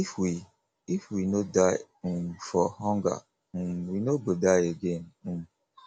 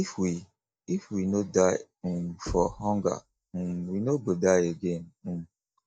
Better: first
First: none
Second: noise reduction (neural mask model DeepFilterNet 3)

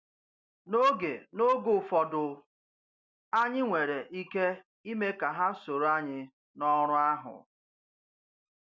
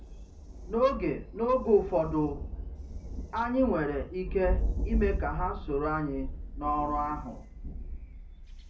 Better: first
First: none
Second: background sound (Thunder); 5 dB below the speech // room echo; dies away in 0.4 s

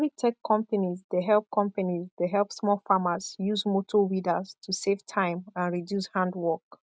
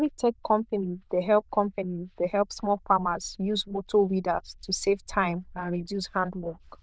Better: first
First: none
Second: noise reduction (neural diffusion model UNIVERSE++)

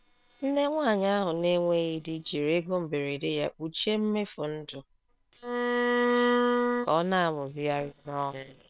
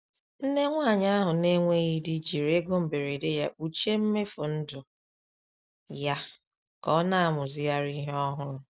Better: second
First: noise reduction (neural separator model SepFormer WHAM!)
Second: none

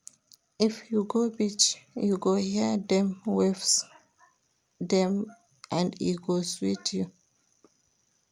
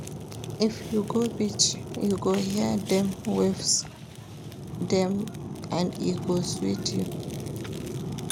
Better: first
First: none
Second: background sound (Fire); 7 dB below the speech

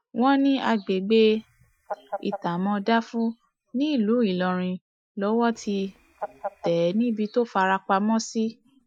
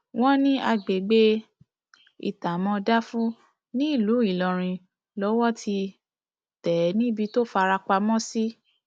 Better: second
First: noise reduction (classical method Wiener filter)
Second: none

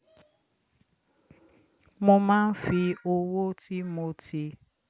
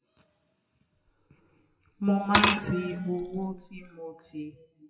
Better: first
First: none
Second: noise reduction (classical method WPE with log-MMSE)

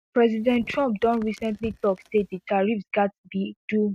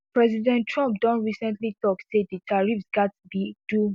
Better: second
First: noise reduction (neural mask model RNNoise)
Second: none

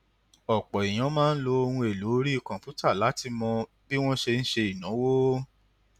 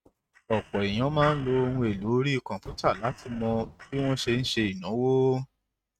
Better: first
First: none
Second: noise reduction (neural mask model RNNoise)

